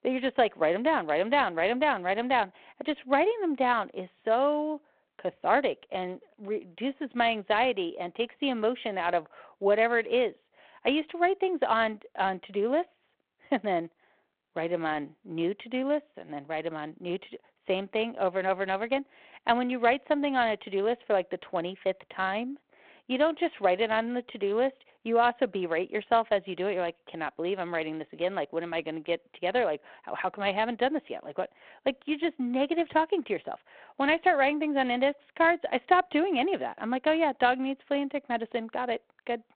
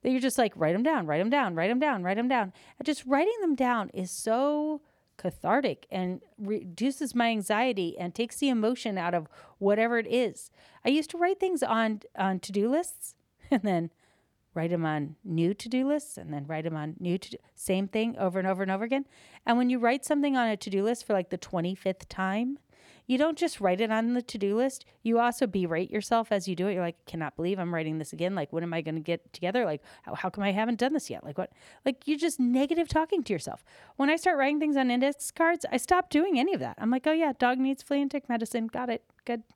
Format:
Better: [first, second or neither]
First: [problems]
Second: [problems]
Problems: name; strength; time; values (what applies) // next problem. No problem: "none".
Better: second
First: phone-call audio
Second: none